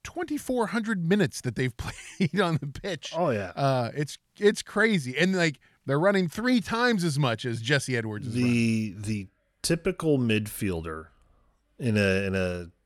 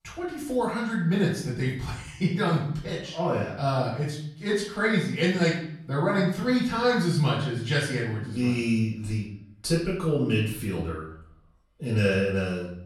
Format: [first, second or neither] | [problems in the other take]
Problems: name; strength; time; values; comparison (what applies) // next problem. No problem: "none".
first | off-mic speech; far // room echo; noticeable; dies away in 0.6 s